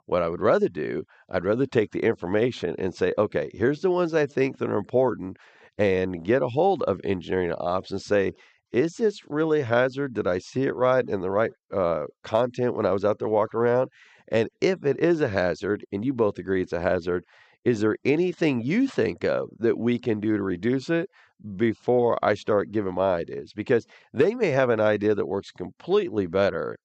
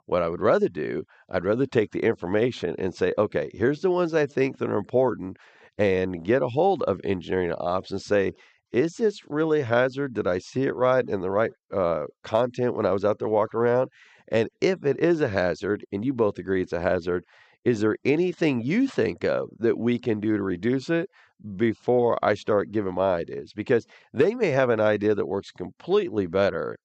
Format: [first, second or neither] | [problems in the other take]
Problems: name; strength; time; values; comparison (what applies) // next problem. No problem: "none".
neither | none